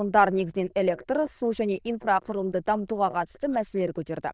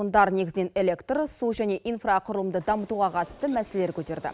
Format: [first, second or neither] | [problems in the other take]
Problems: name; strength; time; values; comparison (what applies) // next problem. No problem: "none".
second | noise reduction (neural diffusion model UNIVERSE++)